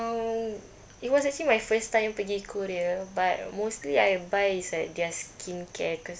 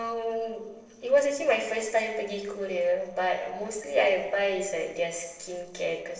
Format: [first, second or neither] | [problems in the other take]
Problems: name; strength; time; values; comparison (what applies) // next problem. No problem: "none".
first | noise reduction (neural separator model SepFormer DNS4)